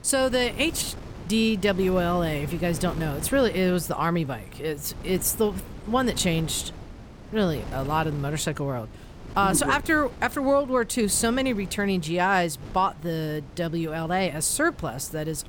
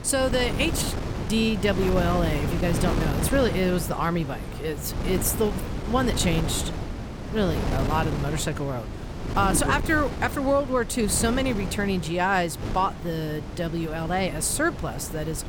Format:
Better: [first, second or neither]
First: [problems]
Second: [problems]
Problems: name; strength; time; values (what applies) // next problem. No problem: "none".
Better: first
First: wind noise on the microphone; occasional gusts; 20 dB below the speech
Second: wind noise on the microphone; heavy; 9 dB below the speech